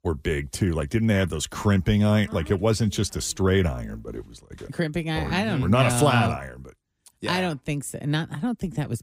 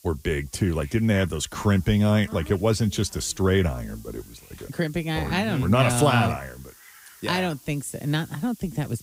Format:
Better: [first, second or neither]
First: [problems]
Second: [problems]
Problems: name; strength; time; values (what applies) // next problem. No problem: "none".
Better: first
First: none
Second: hiss; faint; throughout; 25 dB below the speech